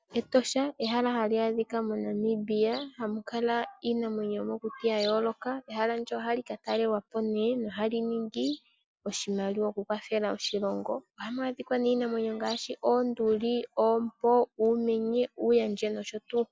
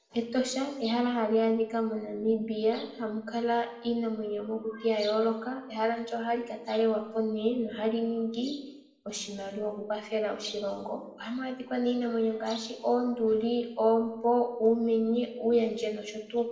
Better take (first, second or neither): first